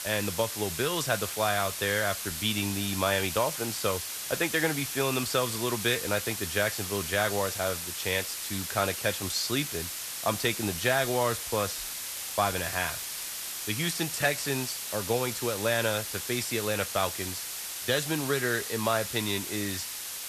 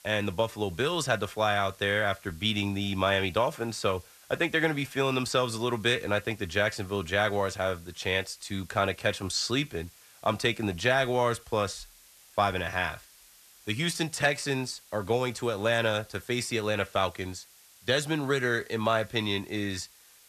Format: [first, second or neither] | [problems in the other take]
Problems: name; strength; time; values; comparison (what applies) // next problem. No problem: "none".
second | hiss; loud; throughout; 4 dB below the speech; faint in the second